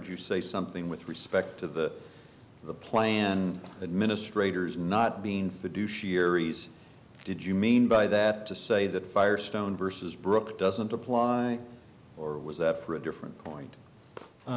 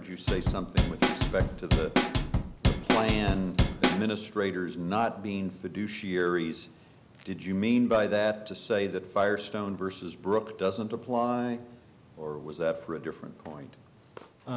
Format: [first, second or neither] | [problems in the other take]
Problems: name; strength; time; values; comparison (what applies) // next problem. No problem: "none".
first | background sound (Drum / Drum kit); 4 dB above the speech